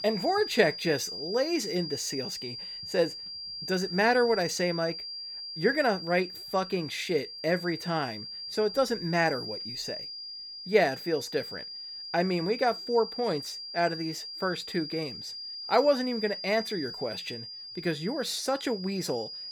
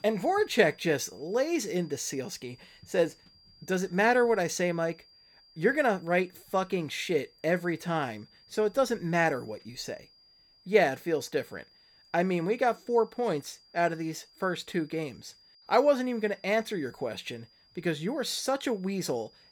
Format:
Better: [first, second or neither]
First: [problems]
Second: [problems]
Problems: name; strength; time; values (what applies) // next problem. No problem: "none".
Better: second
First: high-pitched whine; loud; throughout; 4.5 kHz, 8 dB below the speech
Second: high-pitched whine; faint; throughout; 4.5 kHz, 30 dB below the speech